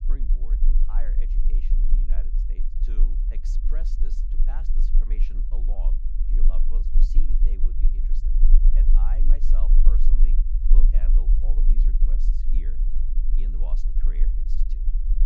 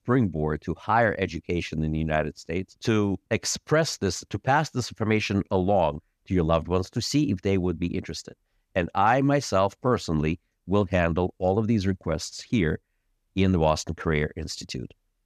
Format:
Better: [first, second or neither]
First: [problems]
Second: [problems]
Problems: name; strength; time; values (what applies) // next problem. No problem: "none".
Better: second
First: low rumble; loud; throughout; 1 dB below the speech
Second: none